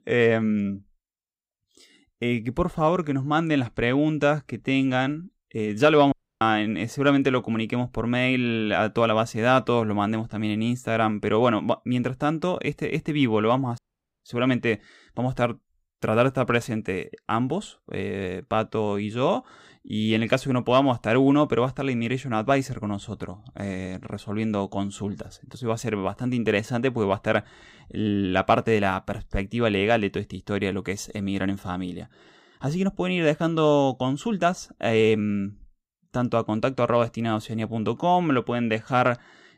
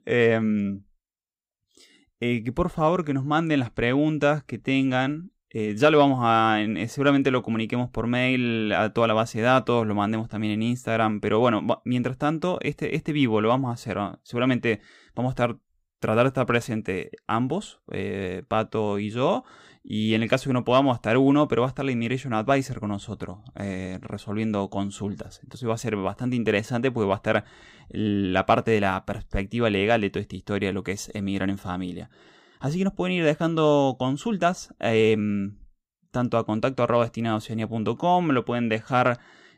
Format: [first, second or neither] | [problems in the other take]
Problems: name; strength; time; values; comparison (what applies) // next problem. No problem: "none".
second | audio cutting out; at 6 s and at 14 s